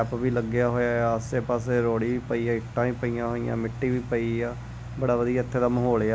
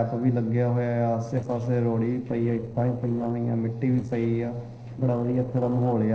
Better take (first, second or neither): first